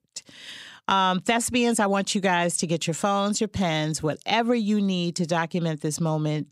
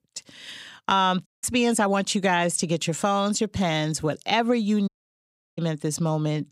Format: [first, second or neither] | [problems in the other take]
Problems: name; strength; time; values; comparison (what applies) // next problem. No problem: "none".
first | audio cutting out; at 1.5 s and at 5 s for 0.5 s